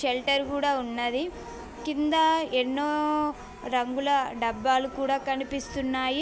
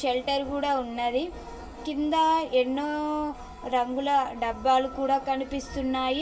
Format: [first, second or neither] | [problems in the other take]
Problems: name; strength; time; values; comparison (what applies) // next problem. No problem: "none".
first | room echo; dies away in 0.2 s